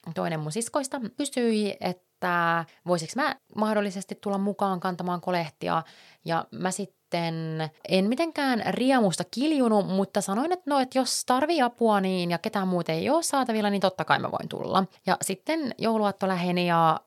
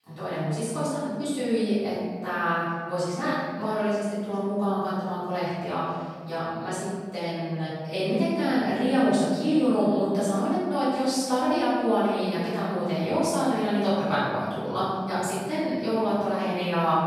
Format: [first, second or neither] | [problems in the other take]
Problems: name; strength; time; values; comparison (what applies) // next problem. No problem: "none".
first | off-mic speech; far // room echo; strong; dies away in 1.7 s